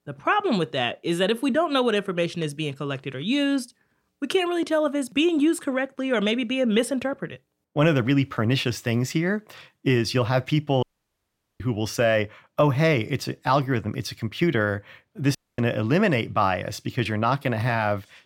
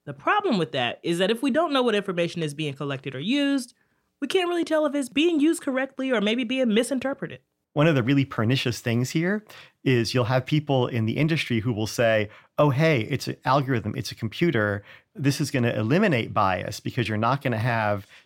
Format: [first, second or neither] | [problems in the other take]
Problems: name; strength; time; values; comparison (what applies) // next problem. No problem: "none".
second | audio cutting out; at 11 s for 1 s and at 15 s